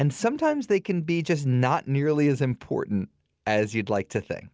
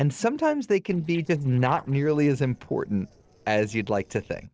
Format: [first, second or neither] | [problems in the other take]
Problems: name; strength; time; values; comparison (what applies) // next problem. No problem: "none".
first | noise reduction (neural separator model SepFormer DNS4)